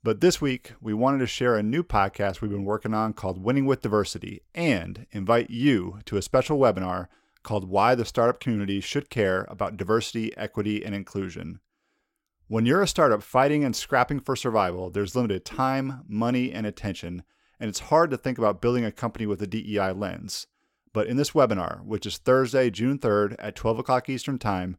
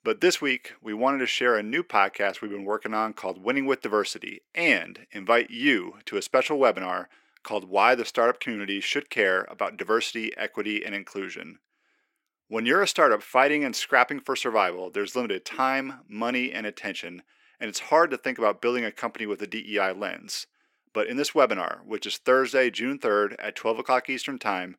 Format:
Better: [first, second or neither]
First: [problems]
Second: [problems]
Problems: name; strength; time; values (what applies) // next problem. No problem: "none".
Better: first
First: none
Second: thin; very slightly; fading below 300 Hz